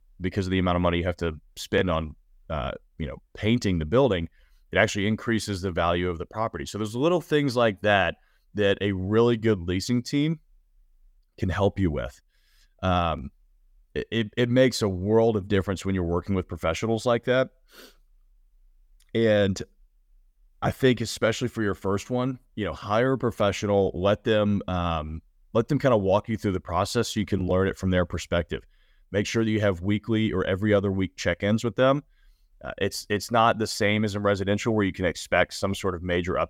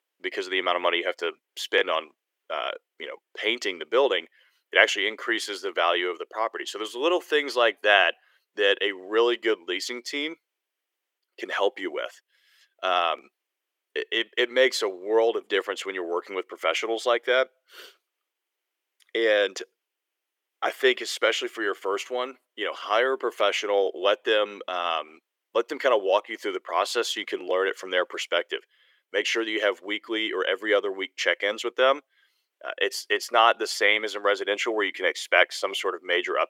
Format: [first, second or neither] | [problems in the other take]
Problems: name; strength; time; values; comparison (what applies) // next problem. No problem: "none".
first | thin; very; fading below 350 Hz